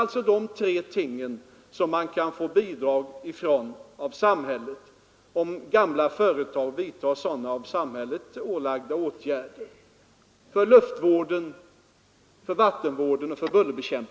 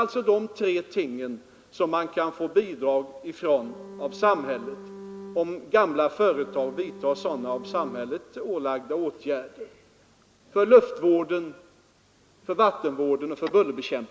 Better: first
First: none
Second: background sound (Bowed string instrument); 16 dB below the speech

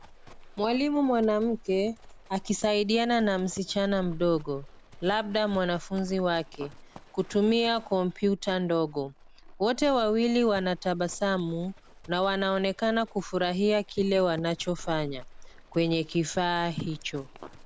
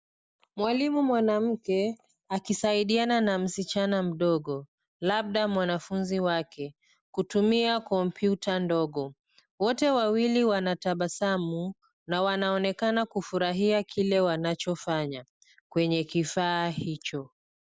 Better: second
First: background sound (Livestock, farm animals, working animals); 18 dB below the speech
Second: none

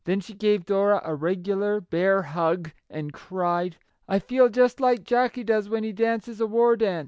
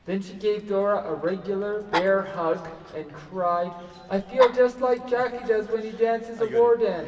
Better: first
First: none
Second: background sound (Dog); 13 dB below the speech // room echo; dies away in 2.2 s

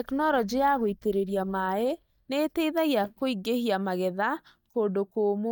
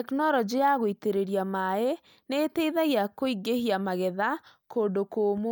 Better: second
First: noise reduction (neural mask model DeepFilterNet 3)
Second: none

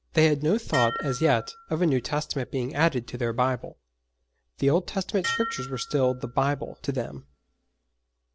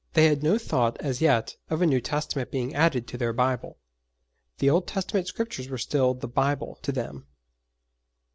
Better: second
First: background sound (Dishes, pots, and pans); 11 dB below the speech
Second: none

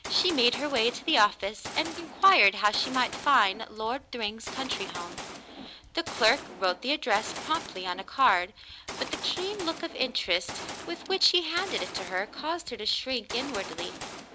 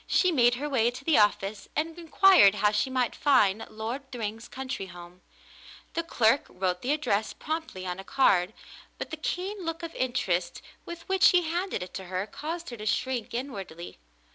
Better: second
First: background sound (Gunshot, gunfire); 12 dB below the speech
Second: none

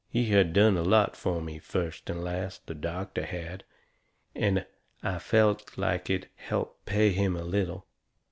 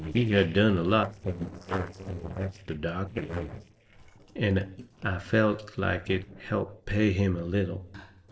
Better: first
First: none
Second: noise reduction (neural separator model SepFormer DNS4)

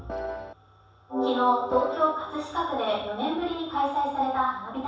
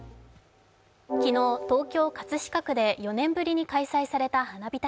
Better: second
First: background sound (Piano); 6 dB below the speech // room echo; dies away in 0.7 s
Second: none

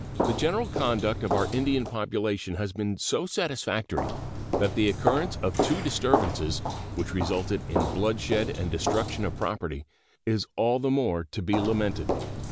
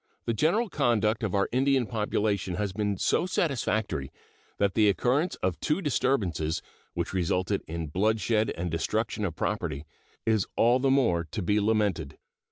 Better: second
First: background sound (Walk, footsteps); 3 dB below the speech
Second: none

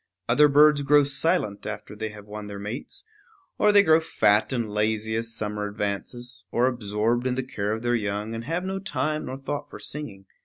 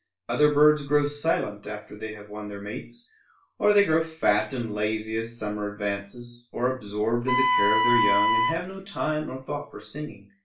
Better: first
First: none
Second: background sound (Wind instrument, woodwind instrument); 4 dB above the speech // room echo; dies away in 0.3 s

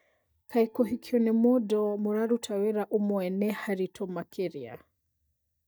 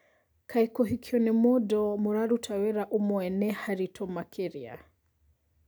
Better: second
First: noise reduction (neural mask model DeepFilterNet 3)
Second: none

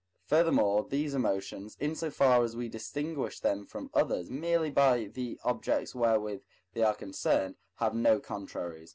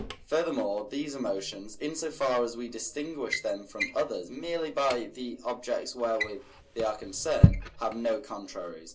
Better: first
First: none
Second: background sound (Drawer open or close); 1 dB below the speech // room echo; dies away in 0.2 s

